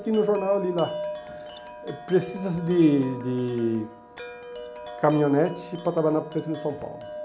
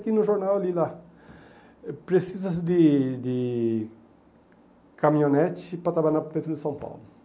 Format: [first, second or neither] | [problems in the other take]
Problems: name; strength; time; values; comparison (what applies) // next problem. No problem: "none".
second | background sound (Wind chime); 13 dB below the speech